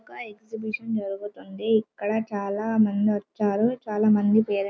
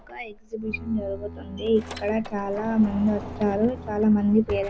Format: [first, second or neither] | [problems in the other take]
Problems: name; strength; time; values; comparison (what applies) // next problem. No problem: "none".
first | background sound (Sliding door + Bowed string instrument); 13 dB below the speech